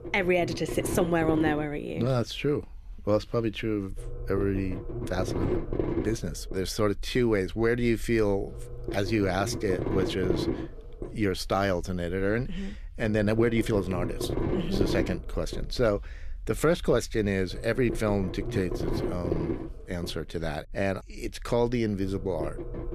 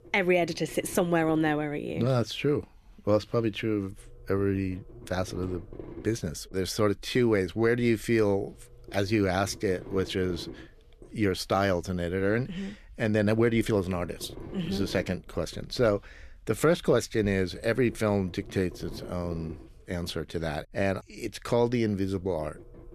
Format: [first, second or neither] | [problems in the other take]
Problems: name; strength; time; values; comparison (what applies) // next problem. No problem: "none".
second | low rumble; loud; throughout; 7 dB below the speech; faint in the second